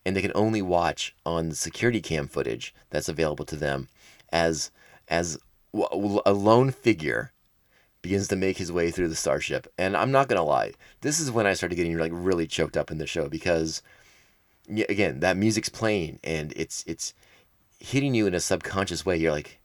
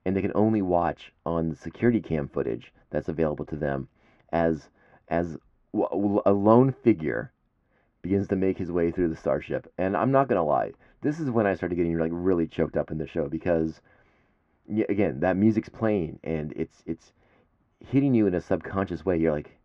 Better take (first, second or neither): first